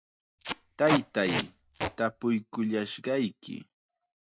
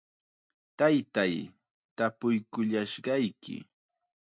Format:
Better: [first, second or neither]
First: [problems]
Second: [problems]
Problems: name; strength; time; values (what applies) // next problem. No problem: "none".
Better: second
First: background sound (Packing tape, duct tape); 4 dB below the speech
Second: none